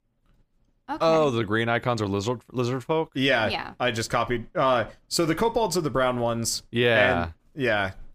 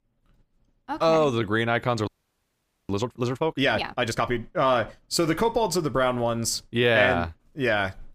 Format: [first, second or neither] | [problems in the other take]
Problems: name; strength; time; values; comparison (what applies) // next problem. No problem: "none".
first | audio freezing; at 2 s for 1 s